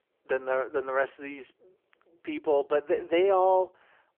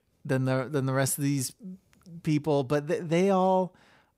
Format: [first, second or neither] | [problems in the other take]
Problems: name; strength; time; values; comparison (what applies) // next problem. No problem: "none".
second | phone-call audio; poor line; nothing above 3 kHz